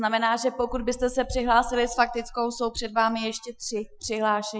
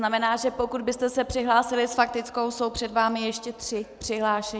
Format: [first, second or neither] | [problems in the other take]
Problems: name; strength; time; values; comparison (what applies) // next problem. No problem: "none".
second | noise reduction (classical method Wiener filter)